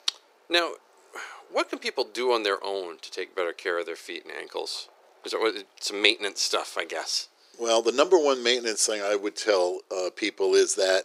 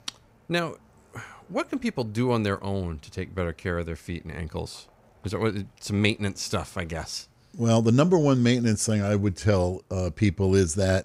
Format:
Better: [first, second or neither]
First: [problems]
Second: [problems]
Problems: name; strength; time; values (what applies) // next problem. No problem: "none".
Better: second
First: thin; very; fading below 350 Hz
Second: none